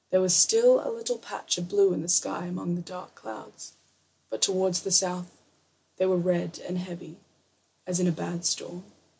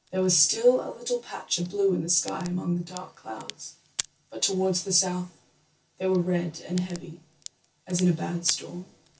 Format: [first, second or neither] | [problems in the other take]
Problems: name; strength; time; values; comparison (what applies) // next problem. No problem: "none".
first | background sound (Crack); 16 dB below the speech // room echo; dies away in 0.2 s